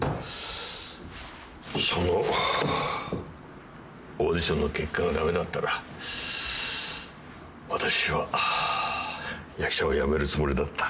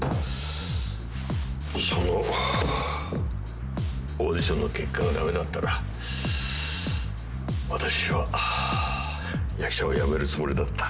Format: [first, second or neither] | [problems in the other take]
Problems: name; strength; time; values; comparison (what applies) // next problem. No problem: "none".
first | background sound (Bass guitar); as loud as the speech